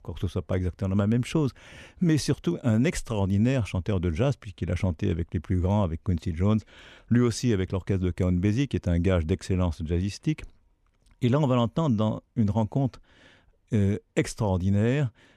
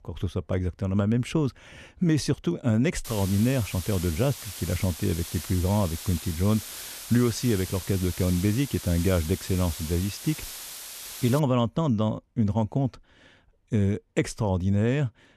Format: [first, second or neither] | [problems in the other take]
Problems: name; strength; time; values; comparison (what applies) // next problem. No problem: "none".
first | hiss; noticeable; from 3 to 11 s; 10 dB below the speech